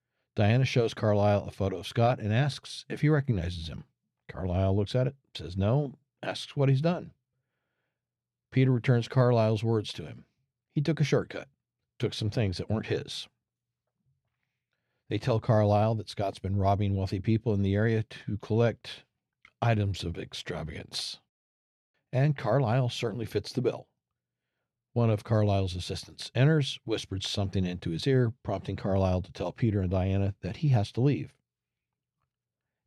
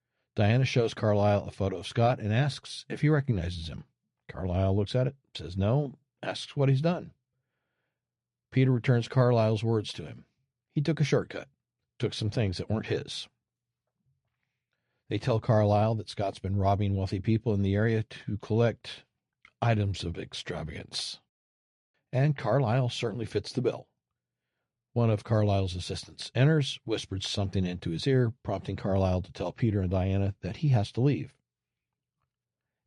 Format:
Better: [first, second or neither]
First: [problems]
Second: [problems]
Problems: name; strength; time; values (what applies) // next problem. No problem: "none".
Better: first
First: none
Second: garbled, watery; slightly; nothing above 11 kHz